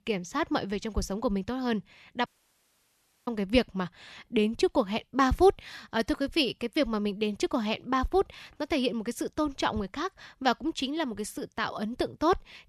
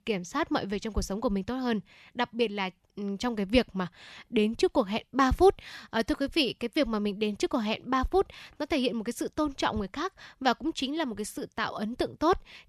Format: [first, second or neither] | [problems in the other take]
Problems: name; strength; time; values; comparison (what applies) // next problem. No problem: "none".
second | audio cutting out; at 2.5 s for 1 s